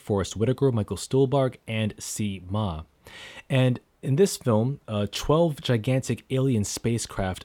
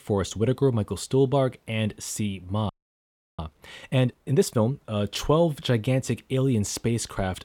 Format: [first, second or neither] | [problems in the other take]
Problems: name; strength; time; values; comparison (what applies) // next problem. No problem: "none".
first | audio freezing; at 2.5 s for 0.5 s